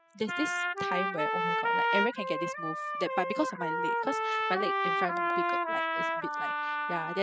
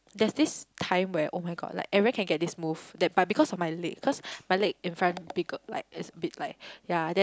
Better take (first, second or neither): second